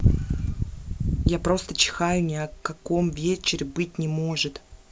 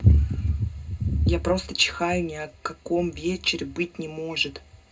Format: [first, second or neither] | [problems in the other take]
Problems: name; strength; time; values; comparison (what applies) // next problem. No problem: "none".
first | room echo; dies away in 0.2 s